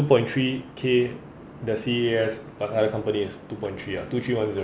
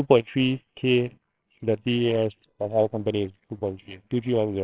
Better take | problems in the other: first | noise reduction (neural separator model SepFormer WHAMR!)

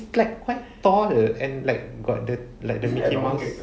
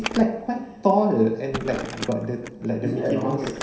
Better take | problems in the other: first | background sound (Crumpling, crinkling); 13 dB below the speech // room echo; dies away in 0.7 s

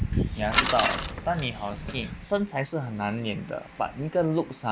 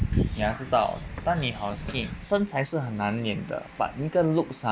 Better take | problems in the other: second | background sound (Bicycle); 1 dB below the speech

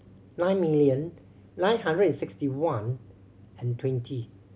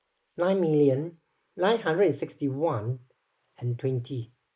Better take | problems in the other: first | noise reduction (neural mask model Resemble Enhance denoiser)

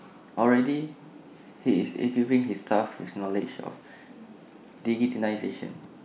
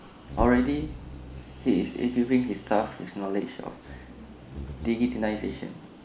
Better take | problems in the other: first | background sound (Bird vocalization, bird call, bird song); 11 dB below the speech

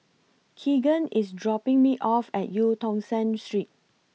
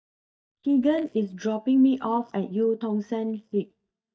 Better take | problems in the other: first | noise reduction (neural mask model DeepFilterNet 3)

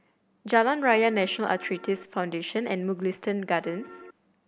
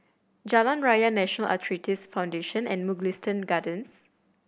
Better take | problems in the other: second | background sound (Piano); 18 dB below the speech

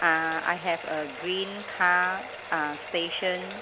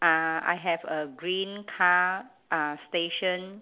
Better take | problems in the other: second | background sound (Bathtub (filling or washing)); 11 dB below the speech

